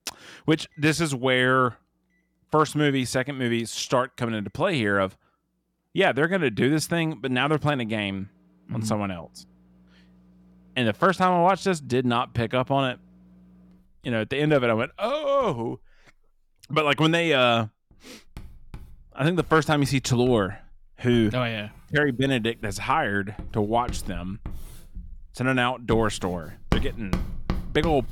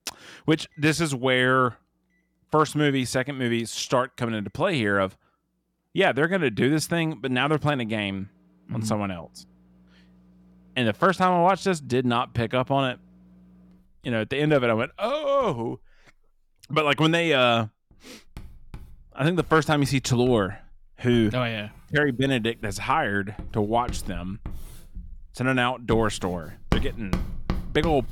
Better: neither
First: household noises; noticeable; throughout; 15 dB below the speech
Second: household noises; noticeable; throughout; 15 dB below the speech

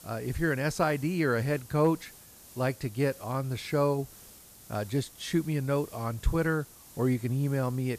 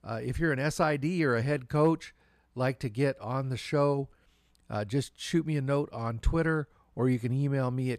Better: second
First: hiss; noticeable; throughout; 20 dB below the speech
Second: none

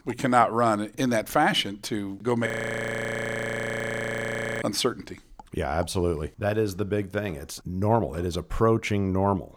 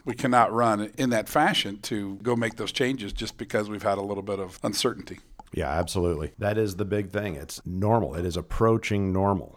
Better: second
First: audio freezing; at 2.5 s for 2 s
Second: none

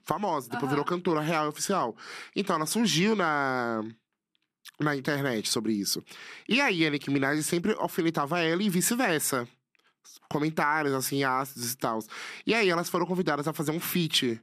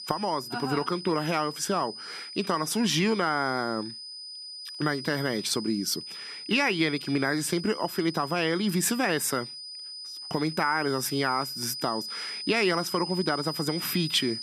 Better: first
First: none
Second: high-pitched whine; loud; throughout; 5 kHz, 9 dB below the speech

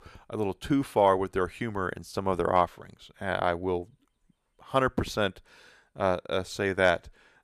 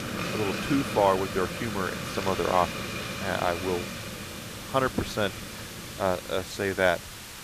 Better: first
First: none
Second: hiss; loud; throughout; 6 dB below the speech

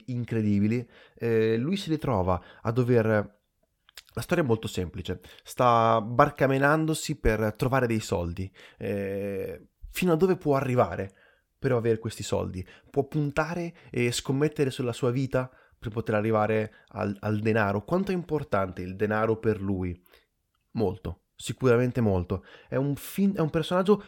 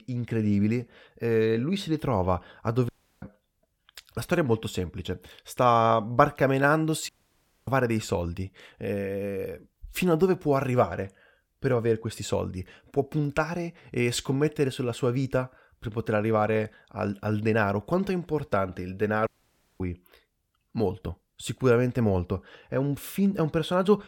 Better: first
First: none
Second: audio cutting out; at 3 s, at 7 s for 0.5 s and at 19 s for 0.5 s

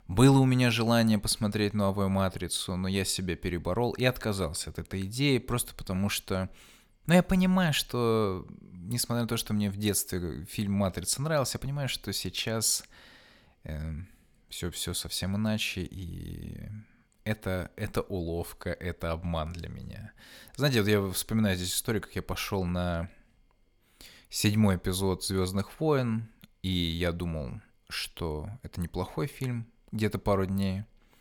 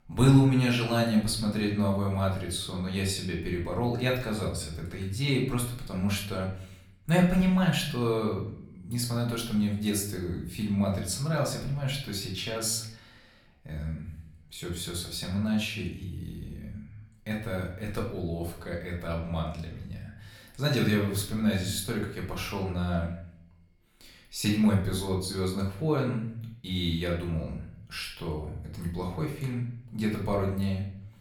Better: first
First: none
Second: room echo; slight; dies away in 0.6 s // off-mic speech; far

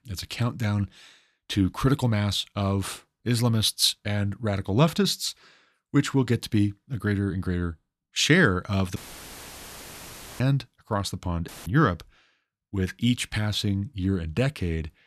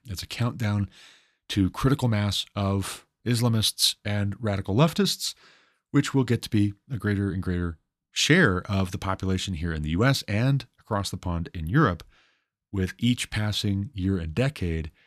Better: second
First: audio cutting out; filled with static; at 9 s for 1.5 s and at 11 s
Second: none

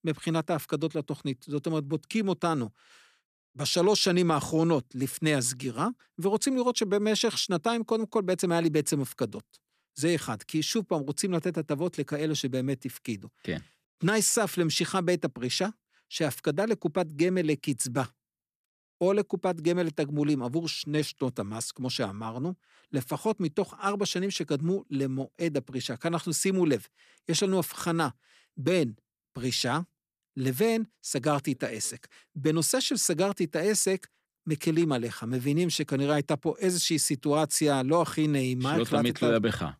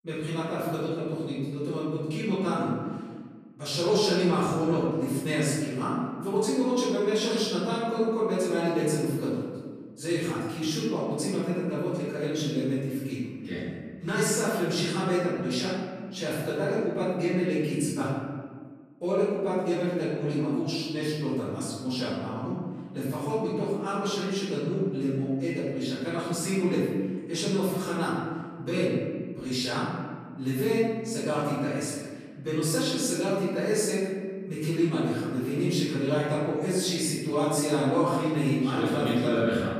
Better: first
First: none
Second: room echo; strong; dies away in 1.6 s // off-mic speech; far

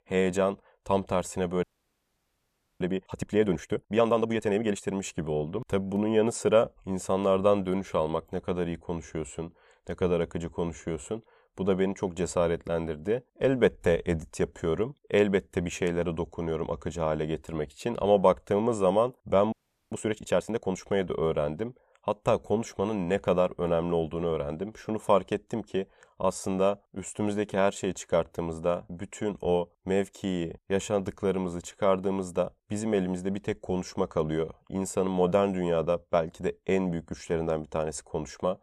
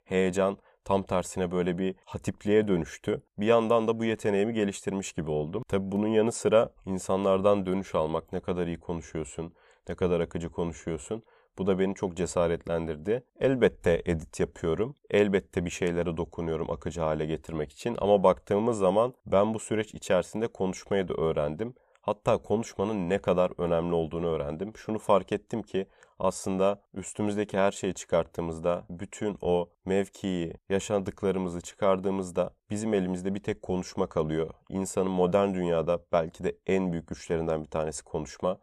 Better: second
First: audio freezing; at 1.5 s for 1 s and at 20 s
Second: none

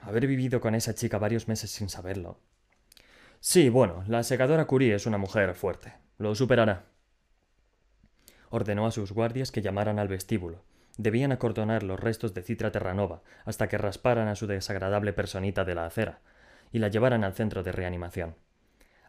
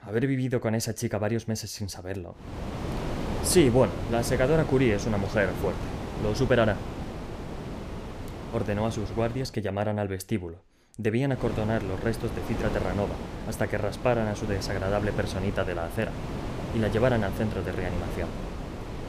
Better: first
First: none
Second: wind noise on the microphone; heavy; from 2.5 to 9.5 s and from 11 s on; 9 dB below the speech

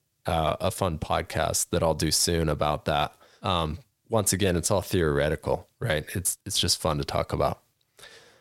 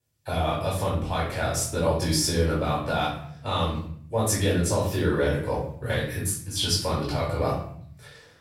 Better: first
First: none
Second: off-mic speech; far // room echo; noticeable; dies away in 0.6 s

